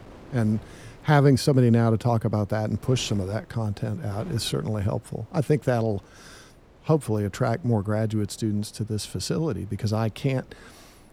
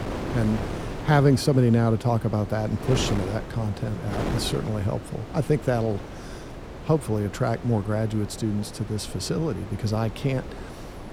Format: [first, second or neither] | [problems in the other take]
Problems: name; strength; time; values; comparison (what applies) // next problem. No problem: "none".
first | wind noise on the microphone; heavy; 9 dB below the speech; occasional gusts in the first